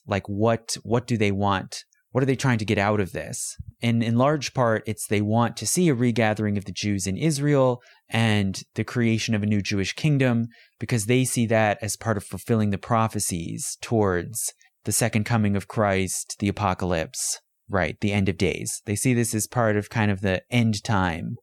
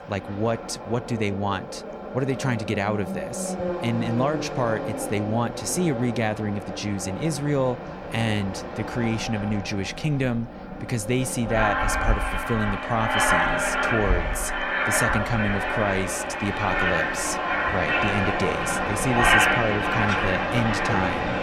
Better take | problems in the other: first | train or aircraft noise; very loud; throughout; 2 dB above the speech

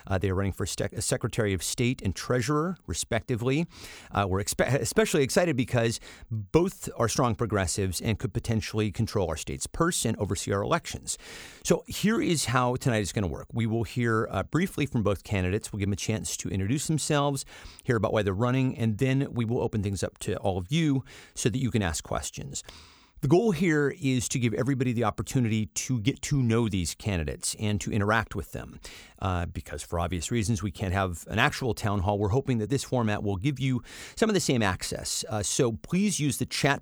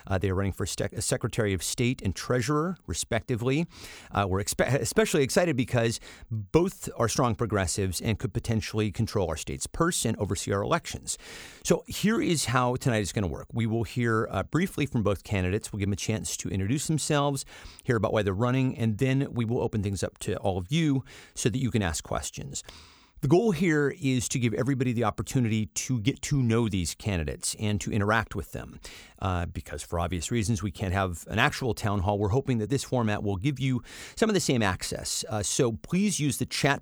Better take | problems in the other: neither | none

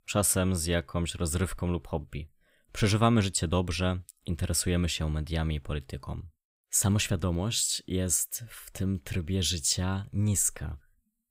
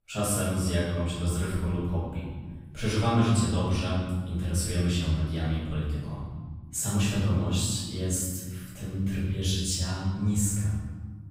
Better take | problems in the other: first | off-mic speech; far // room echo; strong; dies away in 1.6 s

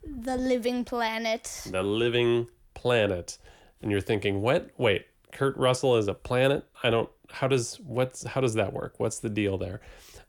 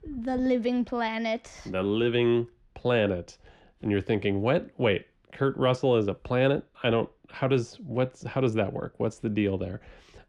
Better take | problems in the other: first | muffled; slightly; fading above 3.5 kHz

